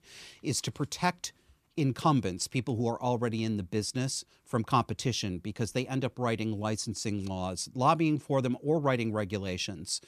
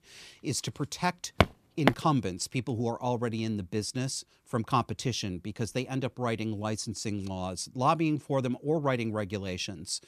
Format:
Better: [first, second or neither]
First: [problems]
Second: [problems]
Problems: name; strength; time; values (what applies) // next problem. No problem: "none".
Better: first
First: none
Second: footsteps; loud; at 1.5 s; peak 4 dB above the speech